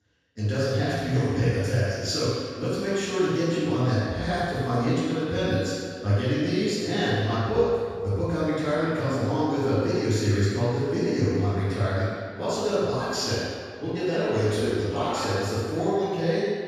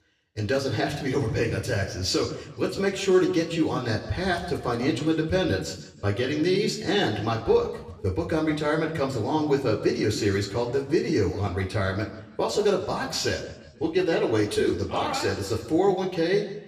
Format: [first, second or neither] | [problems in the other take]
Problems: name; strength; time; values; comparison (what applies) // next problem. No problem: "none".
second | room echo; strong; dies away in 1.8 s; slight in the second // off-mic speech; far; somewhat distant in the second